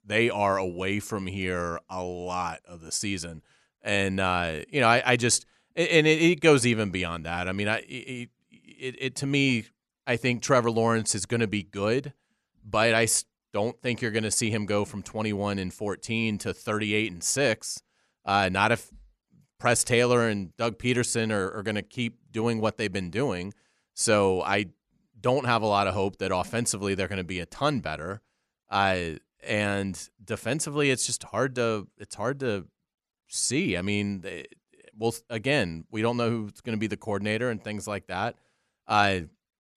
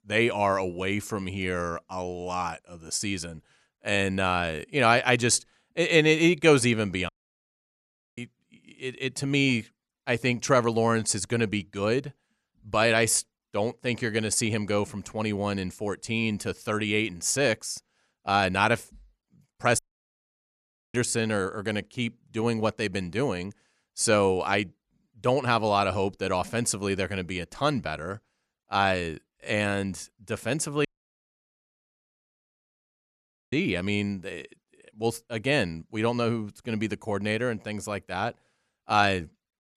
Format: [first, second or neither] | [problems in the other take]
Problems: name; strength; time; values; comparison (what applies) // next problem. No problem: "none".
first | audio cutting out; at 7 s for 1 s, at 20 s for 1 s and at 31 s for 2.5 s